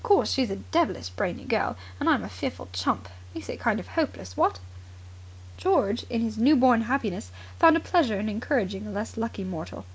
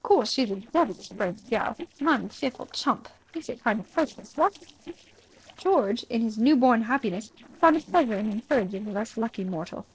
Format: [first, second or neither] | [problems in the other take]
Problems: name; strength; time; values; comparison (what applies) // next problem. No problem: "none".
first | noise reduction (neural separator model SepFormer DNS4)